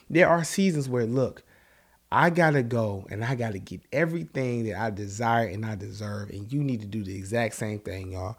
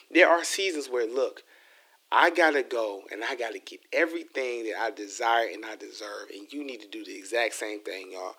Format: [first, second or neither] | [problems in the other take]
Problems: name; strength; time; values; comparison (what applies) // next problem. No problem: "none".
first | thin; very; fading below 300 Hz